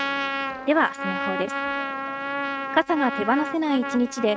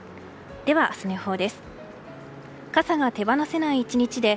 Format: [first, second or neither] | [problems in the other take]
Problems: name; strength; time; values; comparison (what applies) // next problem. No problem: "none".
second | noise reduction (neural mask model RNNoise)